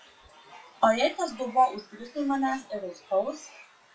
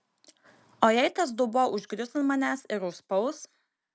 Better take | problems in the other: second | noise reduction (classical method WPE with log-MMSE)

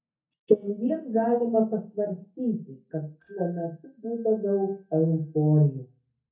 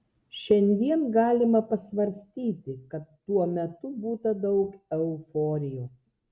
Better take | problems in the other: second | noise reduction (neural mask model DeepFilterNet 3)

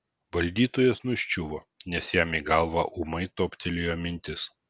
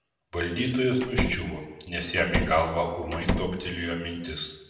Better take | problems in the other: first | background sound (Slam); 2 dB below the speech // room echo; dies away in 0.9 s

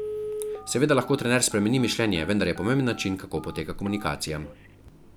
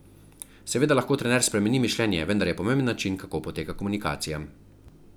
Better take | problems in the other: second | background sound (Telephone); 14 dB below the speech

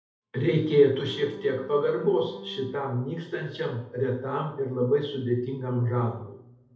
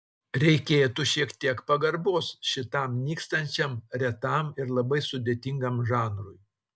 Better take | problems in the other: second | background sound (Bowed string instrument); 17 dB below the speech // room echo; dies away in 2.1 s

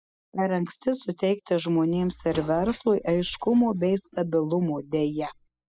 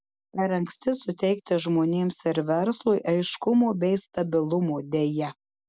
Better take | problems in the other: second | noise reduction (classical method spectral subtraction)

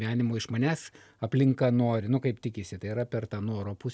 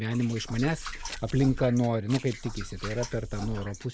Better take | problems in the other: first | background sound (Liquid + Scissors); 10 dB below the speech

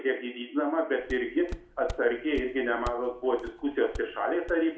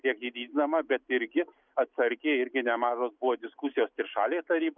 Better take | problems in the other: second | background sound (Walk, footsteps); 14 dB below the speech // room echo; dies away in 0.5 s

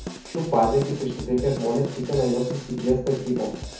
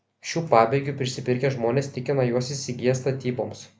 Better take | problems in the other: second | background sound (Drum / Drum kit); 11 dB below the speech // room echo; dies away in 0.5 s

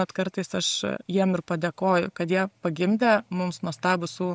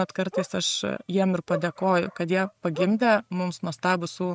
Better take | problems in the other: first | noise reduction (neural mask model RNNoise)

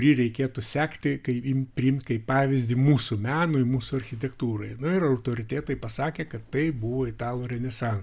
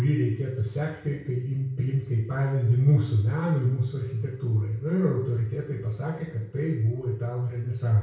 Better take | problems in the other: first | room echo; dies away in 0.6 s

